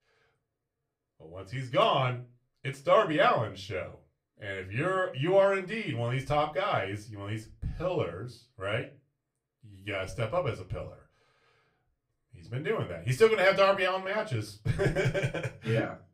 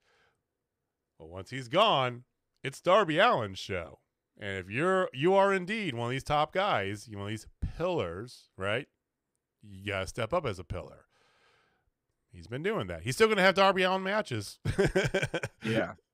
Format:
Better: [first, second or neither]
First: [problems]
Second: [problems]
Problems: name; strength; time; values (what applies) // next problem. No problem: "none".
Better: second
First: off-mic speech; far // room echo; very slight; dies away in 0.2 s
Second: none